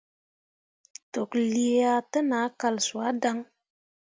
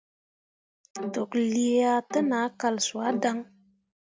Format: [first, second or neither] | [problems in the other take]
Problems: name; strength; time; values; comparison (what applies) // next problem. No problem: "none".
first | background sound (Bowed string instrument); 11 dB below the speech